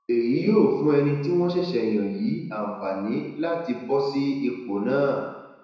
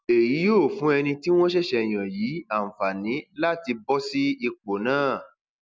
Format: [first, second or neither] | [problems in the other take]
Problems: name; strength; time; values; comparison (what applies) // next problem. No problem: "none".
second | room echo; dies away in 1 s